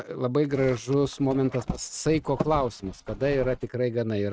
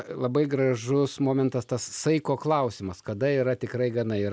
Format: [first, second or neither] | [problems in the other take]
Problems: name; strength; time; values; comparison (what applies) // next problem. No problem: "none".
second | noise reduction (neural mask model RNNoise)